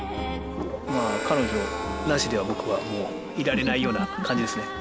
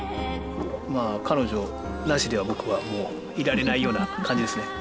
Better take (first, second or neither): second